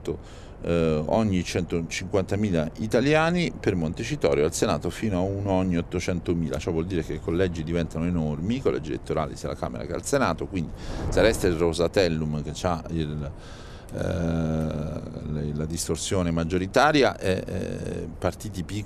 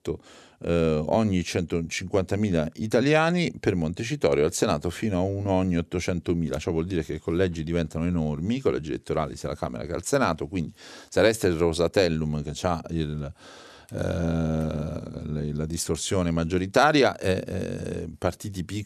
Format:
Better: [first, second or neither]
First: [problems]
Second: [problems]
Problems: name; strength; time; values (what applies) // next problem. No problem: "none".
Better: second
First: wind noise on the microphone; occasional gusts; 20 dB below the speech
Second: none